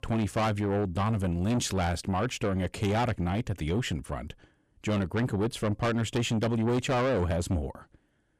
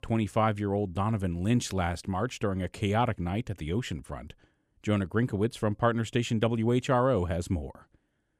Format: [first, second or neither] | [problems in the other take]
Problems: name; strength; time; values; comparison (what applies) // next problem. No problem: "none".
second | distortion; heavy; 7 dB below the speech